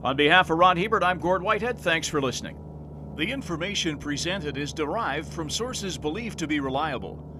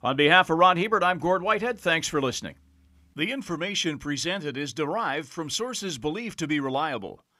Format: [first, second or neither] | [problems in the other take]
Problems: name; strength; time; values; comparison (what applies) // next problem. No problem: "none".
second | low rumble; faint; throughout; 25 dB below the speech